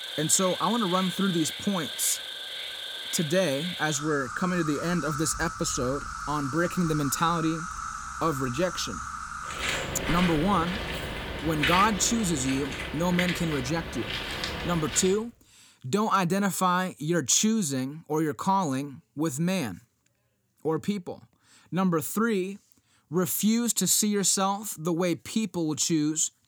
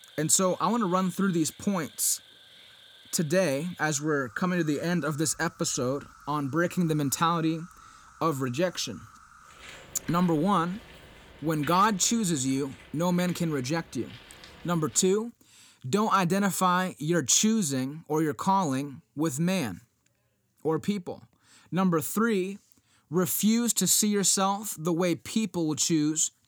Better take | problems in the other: second | animal sounds; loud; until 15 s; 6 dB below the speech; faint in the second

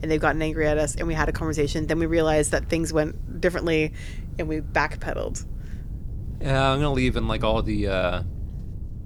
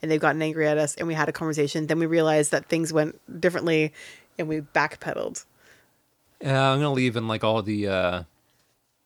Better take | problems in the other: second | wind noise on the microphone; occasional gusts; 25 dB below the speech

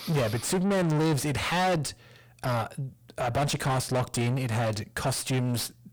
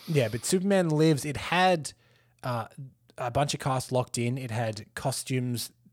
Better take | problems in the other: second | distortion; heavy; 5 dB below the speech

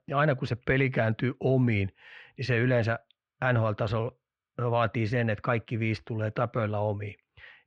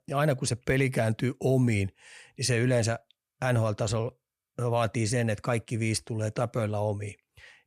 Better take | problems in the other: second | muffled; slightly; fading above 3.5 kHz

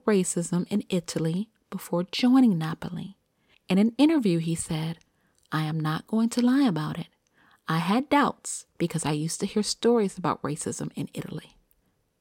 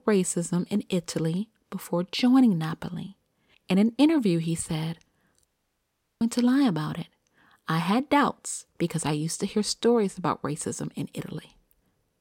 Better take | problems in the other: first | audio cutting out; at 5.5 s for 1 s

